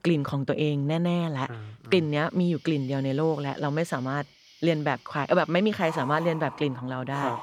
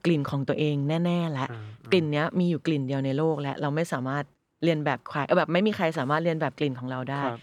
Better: second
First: animal sounds; noticeable; from 2.5 s on; 15 dB below the speech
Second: none

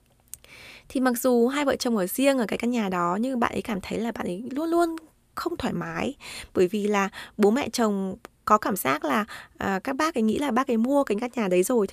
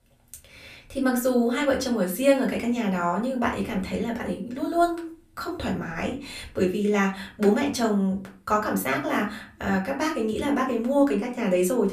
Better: first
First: none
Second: off-mic speech; far // room echo; very slight; dies away in 0.3 s

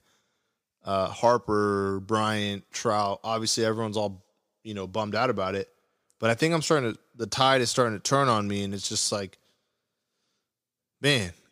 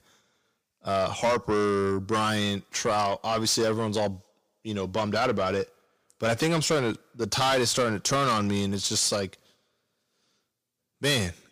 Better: first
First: none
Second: distortion; heavy; 7 dB below the speech

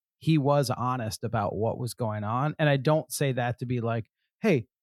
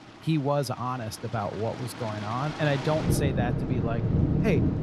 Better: first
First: none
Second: rain or running water; very loud; throughout; 1 dB above the speech

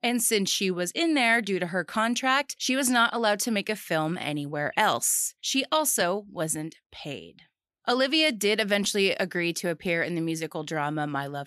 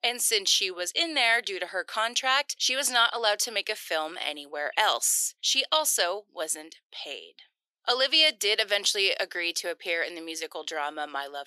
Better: first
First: none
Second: thin; very; fading below 400 Hz

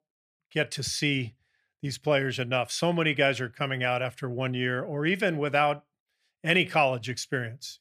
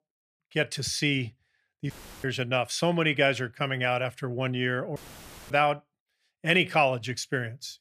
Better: first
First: none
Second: audio cutting out; filled with static; at 2 s and at 5 s for 0.5 s

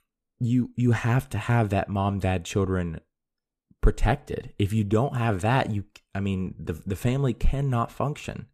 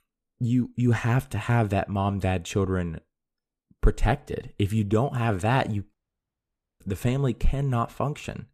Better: first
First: none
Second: audio cutting out; at 6 s for 1 s

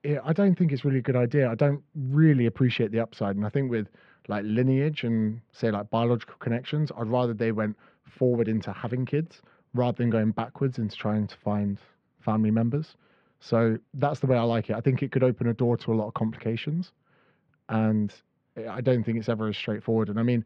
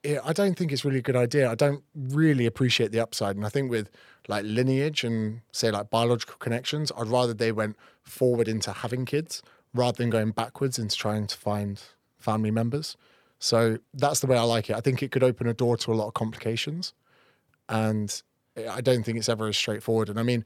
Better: second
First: muffled; very; fading above 2.5 kHz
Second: none

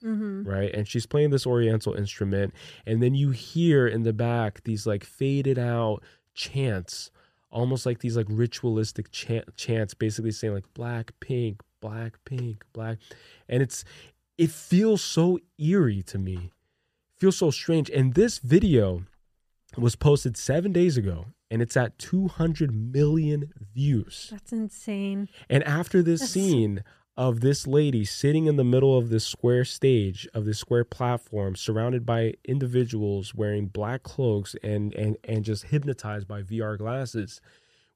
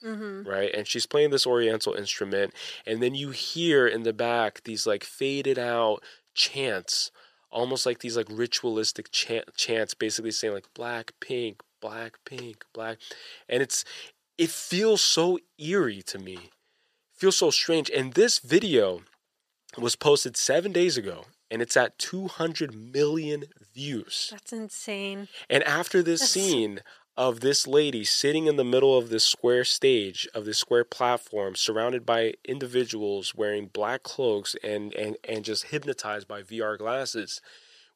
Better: first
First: none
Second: thin; very; fading below 450 Hz

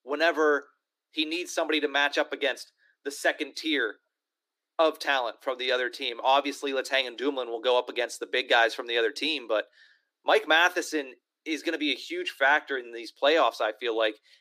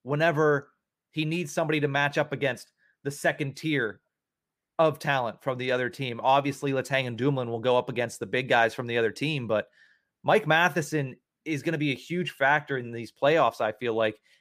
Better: second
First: thin; somewhat; fading below 300 Hz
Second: none

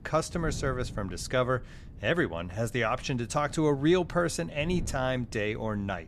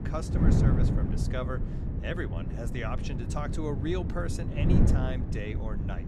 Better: first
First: wind noise on the microphone; occasional gusts; 25 dB below the speech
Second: wind noise on the microphone; heavy; 1 dB below the speech

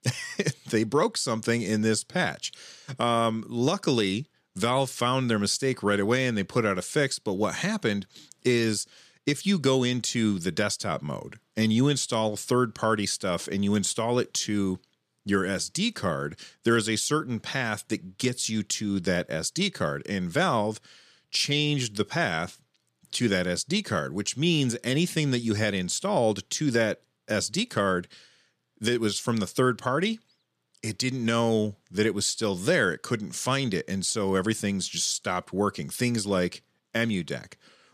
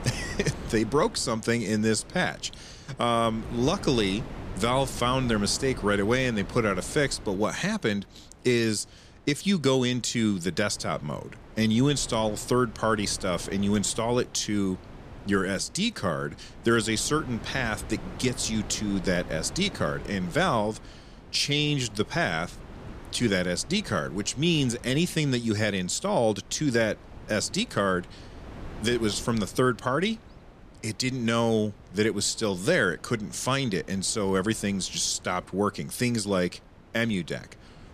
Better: first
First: none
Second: wind noise on the microphone; occasional gusts; 20 dB below the speech

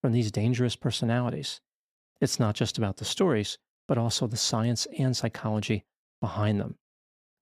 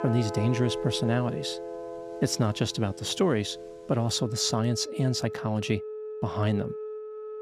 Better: first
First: none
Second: background music; loud; throughout; 9 dB below the speech

